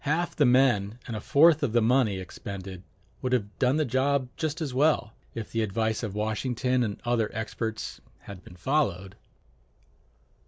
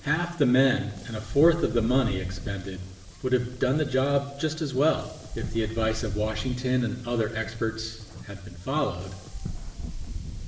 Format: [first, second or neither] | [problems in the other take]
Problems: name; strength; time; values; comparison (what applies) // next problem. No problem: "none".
first | background sound (Wind); 10 dB below the speech // room echo; dies away in 1.1 s